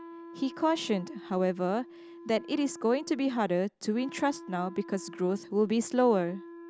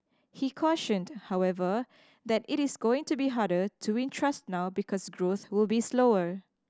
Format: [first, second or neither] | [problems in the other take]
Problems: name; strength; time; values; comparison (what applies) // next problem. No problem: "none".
second | background sound (Wind instrument, woodwind instrument); 17 dB below the speech